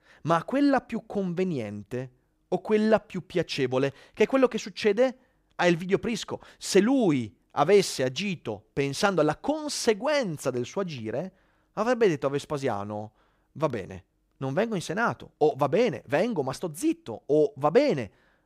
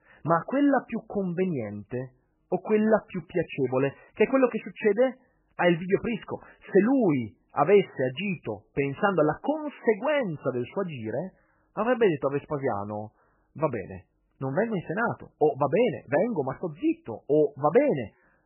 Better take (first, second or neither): first